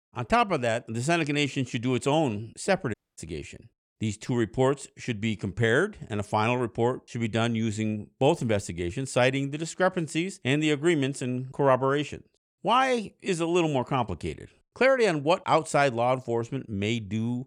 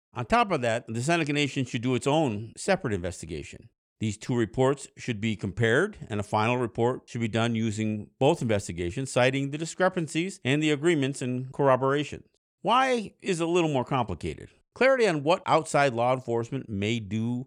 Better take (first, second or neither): second